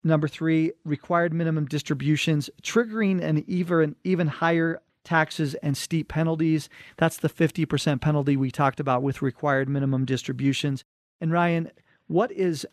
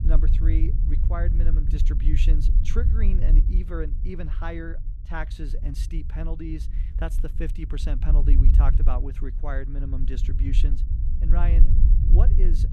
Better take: first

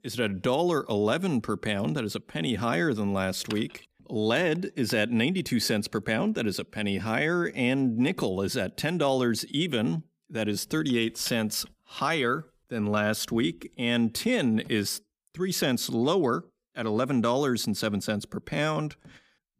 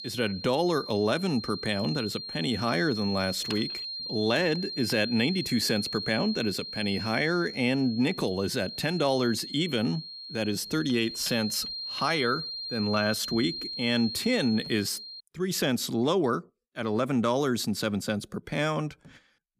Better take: first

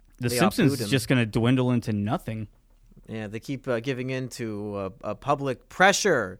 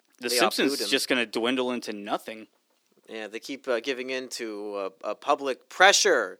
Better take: first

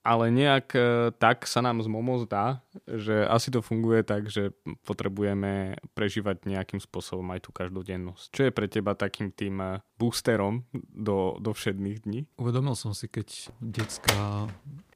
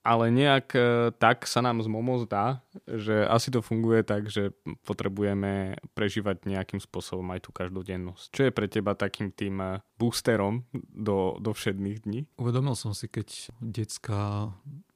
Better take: second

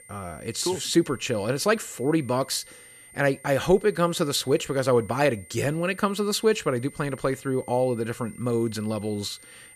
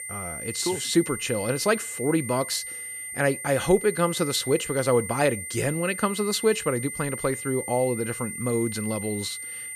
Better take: first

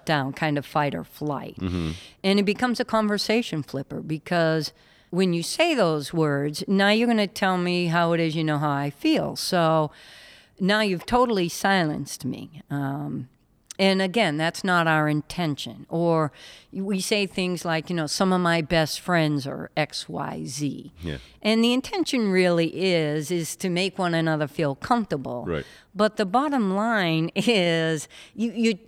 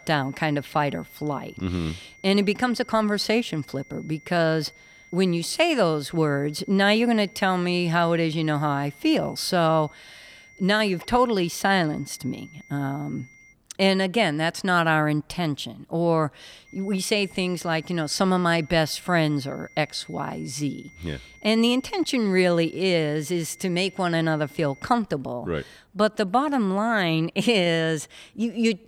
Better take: first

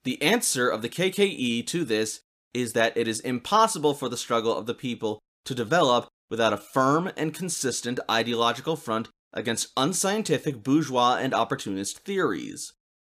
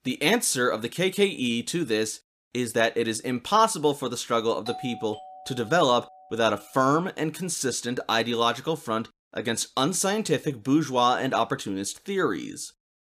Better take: first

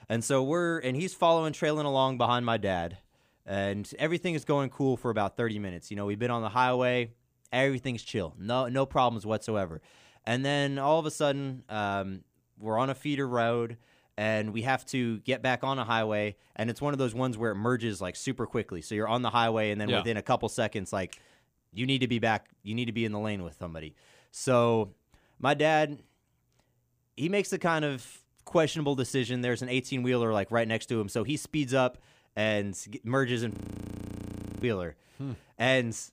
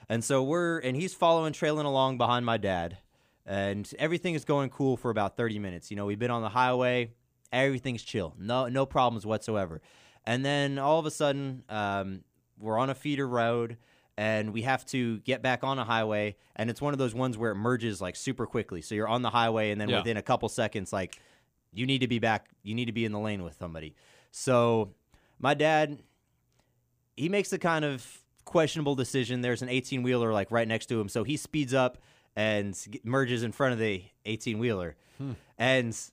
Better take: second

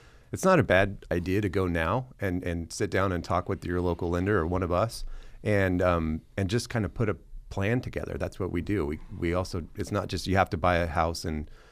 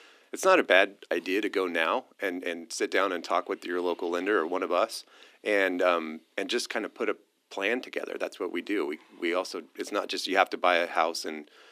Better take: first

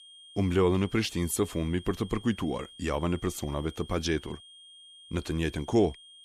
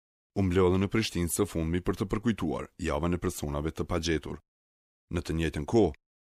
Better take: second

